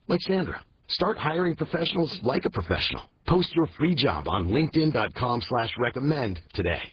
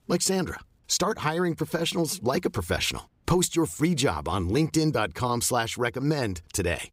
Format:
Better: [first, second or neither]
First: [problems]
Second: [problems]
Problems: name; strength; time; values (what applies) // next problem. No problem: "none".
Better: second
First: garbled, watery; badly; nothing above 5 kHz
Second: none